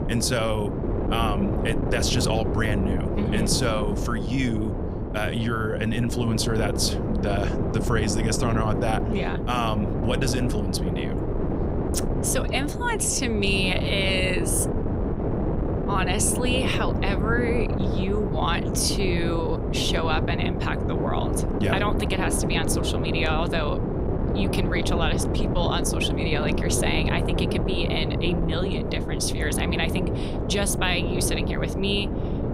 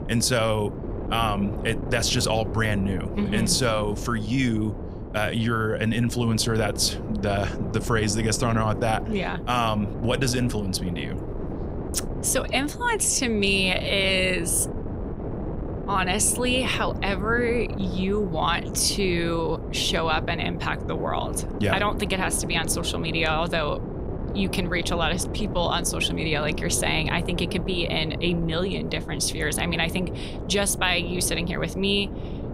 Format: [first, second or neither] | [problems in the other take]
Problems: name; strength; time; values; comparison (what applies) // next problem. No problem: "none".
second | wind noise on the microphone; heavy; 4 dB below the speech; occasional gusts in the second